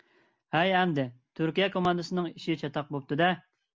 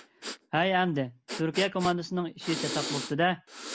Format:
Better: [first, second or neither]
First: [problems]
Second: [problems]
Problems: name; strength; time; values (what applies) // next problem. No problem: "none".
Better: first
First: none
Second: background sound (Breathing); 9 dB below the speech